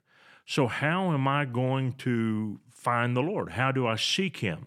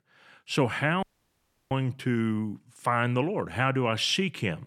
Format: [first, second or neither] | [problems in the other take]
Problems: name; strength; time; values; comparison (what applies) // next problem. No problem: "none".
first | audio cutting out; at 1 s for 0.5 s